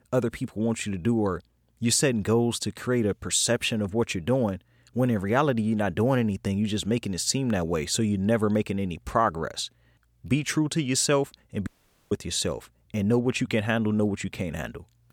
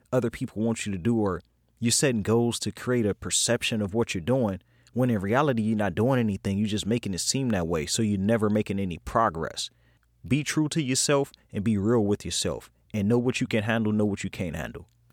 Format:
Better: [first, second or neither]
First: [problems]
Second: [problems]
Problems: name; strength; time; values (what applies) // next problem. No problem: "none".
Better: second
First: audio cutting out; at 12 s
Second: none